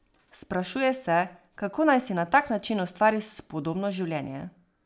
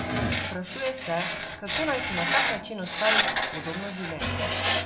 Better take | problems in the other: first | background sound (Screech); 4 dB above the speech // room echo; dies away in 0.7 s

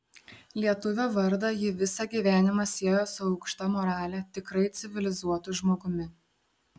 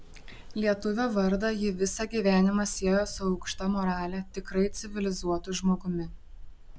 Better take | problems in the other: first | background sound (Mechanical fan); 13 dB below the speech

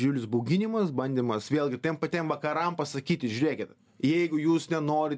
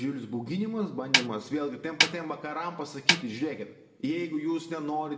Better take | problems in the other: first | background sound (Snare drum); 3 dB above the speech // room echo; dies away in 0.8 s

